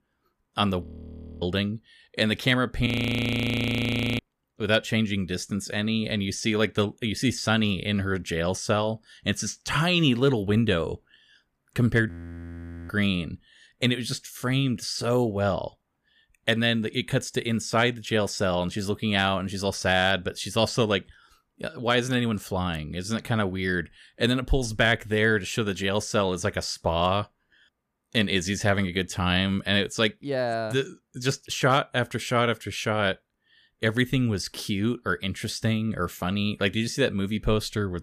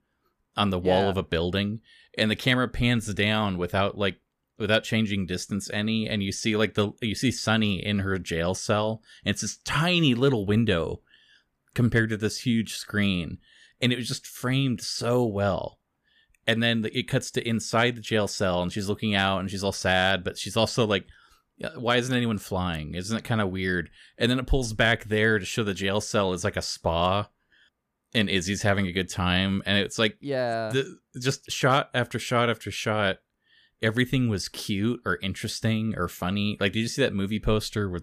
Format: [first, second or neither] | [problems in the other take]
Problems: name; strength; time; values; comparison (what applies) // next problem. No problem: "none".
second | audio freezing; at 1 s for 0.5 s, at 3 s for 1.5 s and at 12 s for 1 s